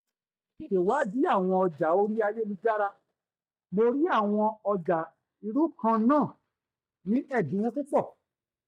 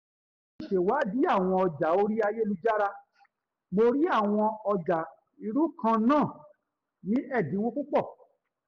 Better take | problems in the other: second | noise reduction (neural mask model DeepFilterNet 3)

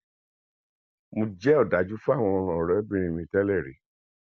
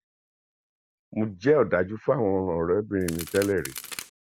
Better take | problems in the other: first | background sound (Crack); 11 dB below the speech

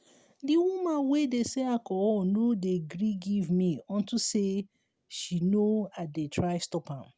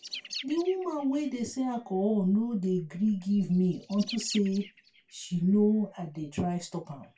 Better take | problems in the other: first | background sound (Bird); 18 dB below the speech // room echo; dies away in 0.2 s

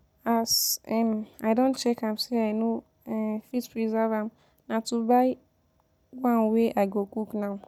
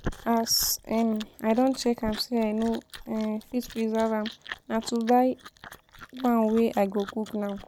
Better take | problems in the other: first | background sound (Chewing, mastication); 16 dB below the speech

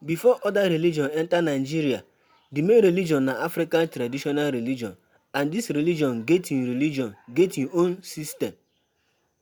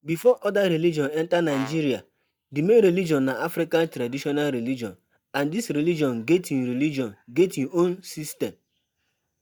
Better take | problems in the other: first | noise reduction (neural mask model DeepFilterNet 3)

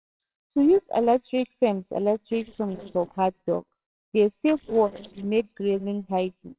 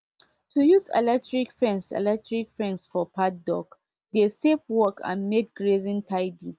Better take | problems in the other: second | noise reduction (neural separator model SepFormer WHAMR!)

